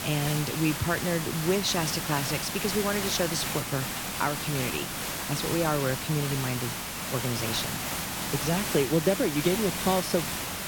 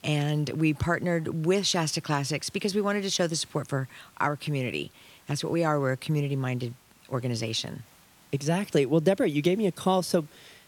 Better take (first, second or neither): second